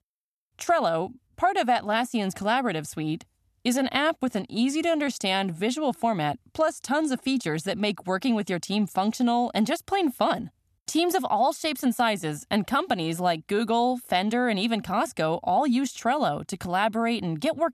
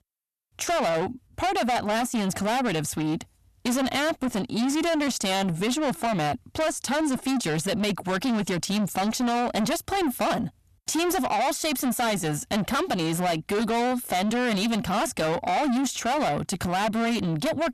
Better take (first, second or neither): first